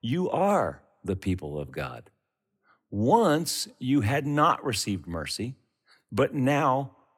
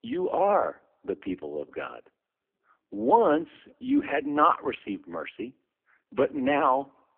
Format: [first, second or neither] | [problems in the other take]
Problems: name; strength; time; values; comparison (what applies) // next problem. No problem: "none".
first | phone-call audio; poor line